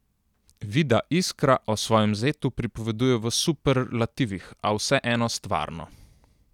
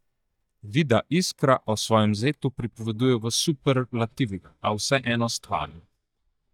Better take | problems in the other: first | noise reduction (neural mask model DeepFilterNet 3)

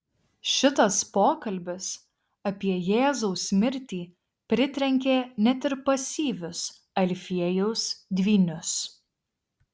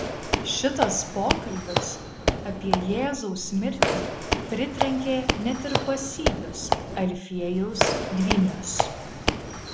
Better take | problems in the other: first | background sound (Squeak / Walk, footsteps); 1 dB above the speech // room echo; dies away in 0.7 s

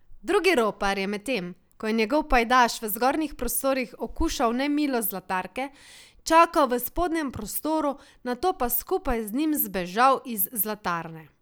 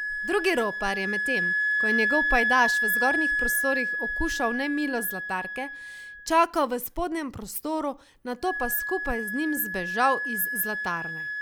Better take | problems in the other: first | background sound (Wind instrument, woodwind instrument); 1 dB below the speech

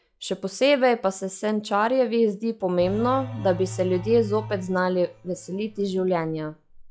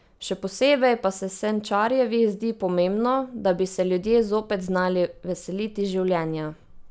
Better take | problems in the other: second | noise reduction (classical method log-MMSE)

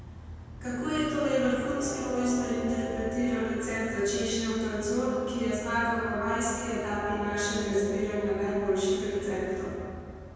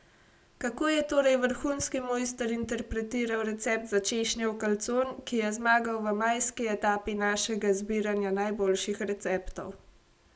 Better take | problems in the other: second | background sound (Train); 11 dB below the speech // room echo; dies away in 2 s

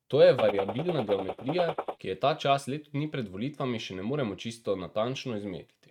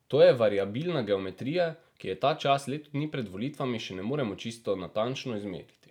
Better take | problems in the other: second | noise reduction (neural mask model RNNoise)

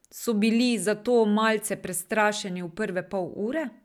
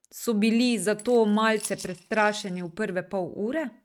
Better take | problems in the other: first | noise reduction (neural mask model RNNoise)

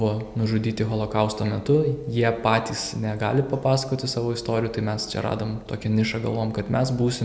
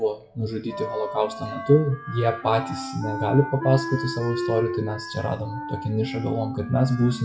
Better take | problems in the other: first | noise reduction (classical method WPE with log-MMSE)

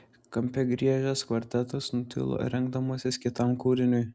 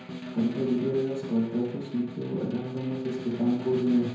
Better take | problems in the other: first | background sound (Snare drum); 13 dB below the speech // room echo; dies away in 0.9 s

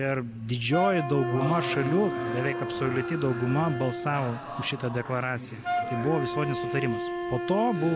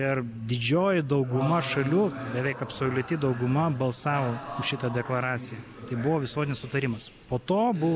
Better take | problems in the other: second | background sound (Wind instrument, woodwind instrument); 5 dB below the speech

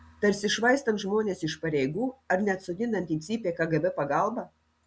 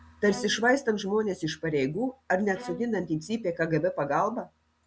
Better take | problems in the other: first | background sound (Bowed string instrument); 19 dB below the speech

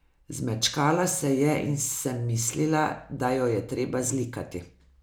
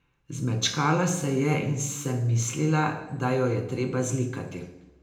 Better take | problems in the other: first | room echo; dies away in 0.8 s

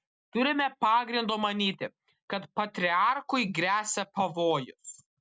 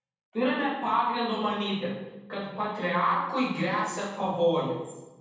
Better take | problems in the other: first | room echo; dies away in 1.1 s

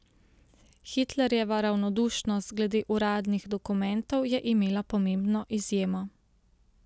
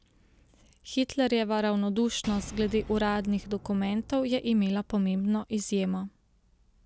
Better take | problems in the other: first | background sound (Shatter / Boom); 17 dB below the speech

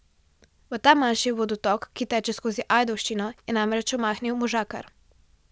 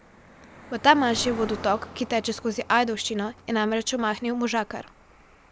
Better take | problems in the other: first | background sound (Cricket); 17 dB below the speech

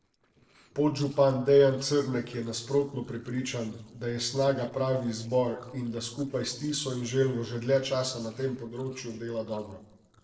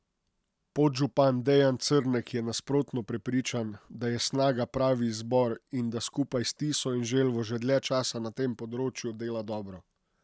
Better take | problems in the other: second | noise reduction (neural separator model SepFormer DNS4)

